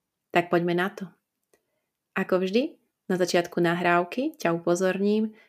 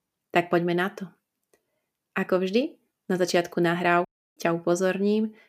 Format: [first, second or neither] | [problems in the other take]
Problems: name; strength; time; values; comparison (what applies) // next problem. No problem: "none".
first | audio cutting out; at 4 s